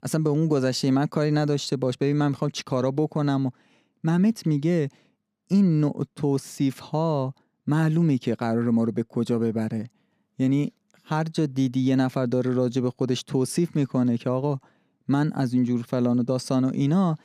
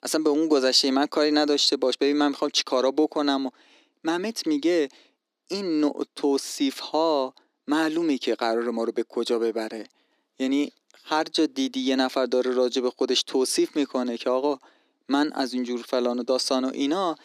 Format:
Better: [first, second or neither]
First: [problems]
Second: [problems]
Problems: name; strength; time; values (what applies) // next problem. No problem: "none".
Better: first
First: none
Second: thin; somewhat; fading below 300 Hz